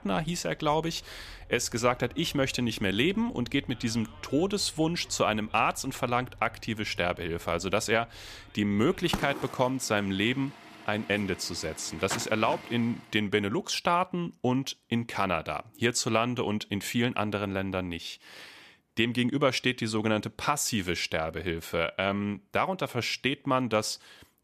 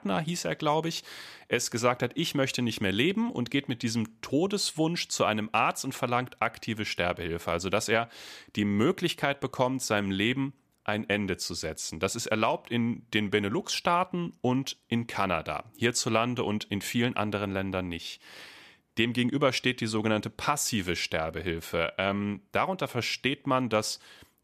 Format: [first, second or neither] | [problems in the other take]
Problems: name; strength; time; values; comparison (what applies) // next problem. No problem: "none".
second | traffic noise; noticeable; until 13 s; 15 dB below the speech